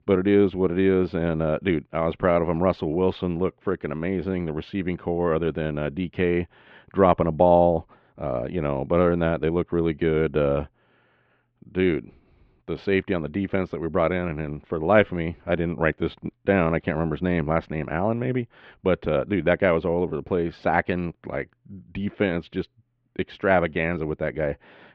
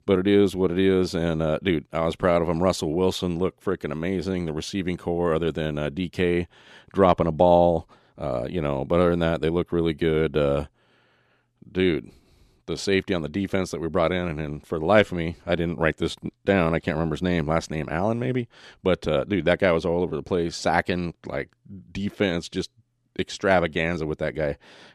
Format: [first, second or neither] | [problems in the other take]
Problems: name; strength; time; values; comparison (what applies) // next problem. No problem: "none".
second | muffled; very; fading above 3 kHz